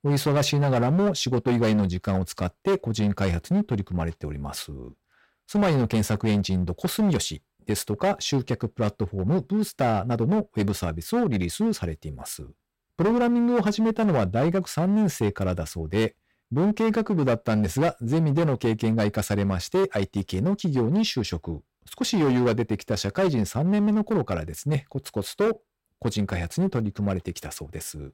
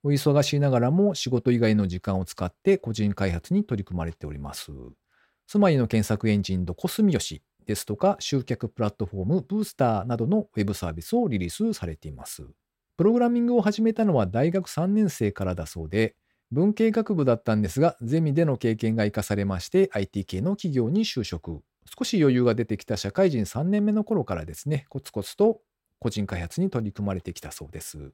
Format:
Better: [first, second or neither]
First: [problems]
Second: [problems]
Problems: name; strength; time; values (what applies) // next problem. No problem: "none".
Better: second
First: distortion; slight; 12% of the sound clipped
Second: none